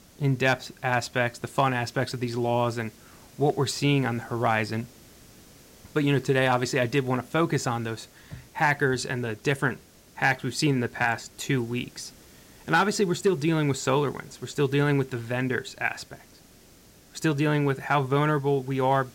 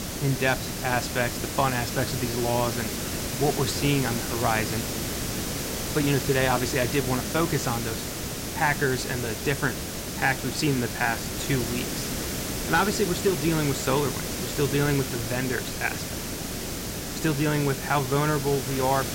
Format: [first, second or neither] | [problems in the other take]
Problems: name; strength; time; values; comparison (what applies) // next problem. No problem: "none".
first | hiss; loud; throughout; 4 dB below the speech; faint in the first